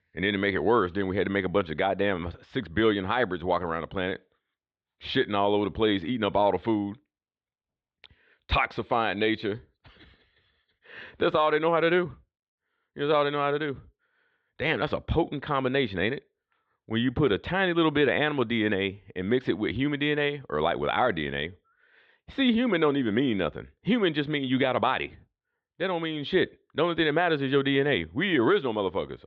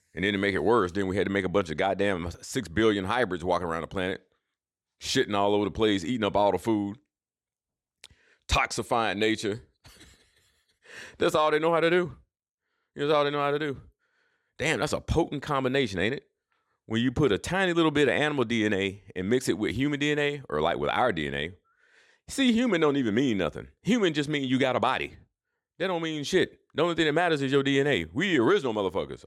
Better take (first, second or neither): second